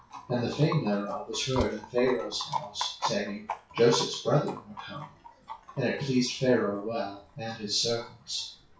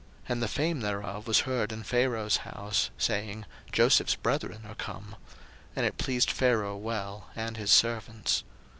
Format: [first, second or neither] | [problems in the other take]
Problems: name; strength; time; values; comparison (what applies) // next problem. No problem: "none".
second | noise reduction (classical method WPE with log-MMSE)